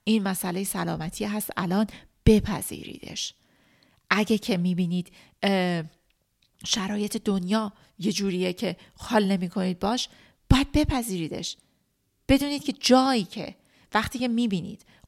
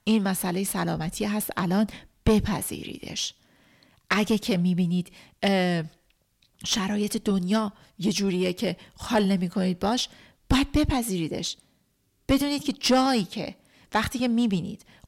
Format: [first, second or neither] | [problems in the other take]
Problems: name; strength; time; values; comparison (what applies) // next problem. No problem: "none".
first | distortion; slight; 10 dB below the speech